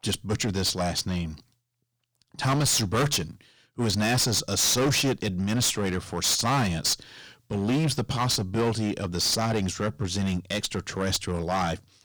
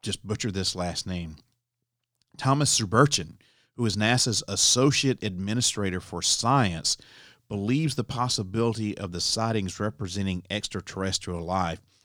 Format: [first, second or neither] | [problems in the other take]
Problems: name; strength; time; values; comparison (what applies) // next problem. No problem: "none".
second | distortion; heavy; 14% of the sound clipped